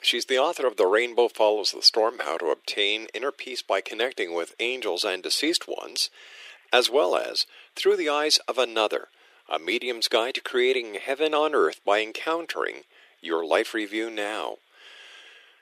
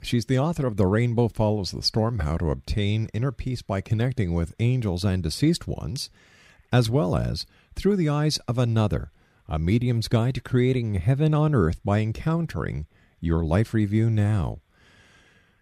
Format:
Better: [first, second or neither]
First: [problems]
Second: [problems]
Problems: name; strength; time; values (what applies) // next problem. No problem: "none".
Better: second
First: thin; very; fading below 350 Hz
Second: none